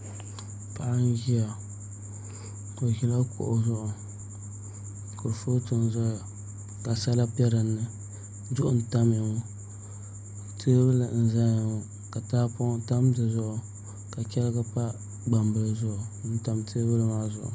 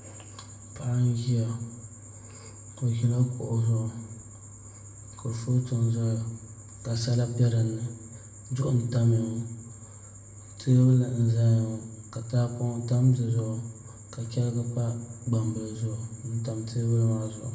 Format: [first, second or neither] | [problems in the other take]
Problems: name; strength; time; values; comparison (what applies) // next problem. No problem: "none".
first | room echo; dies away in 0.8 s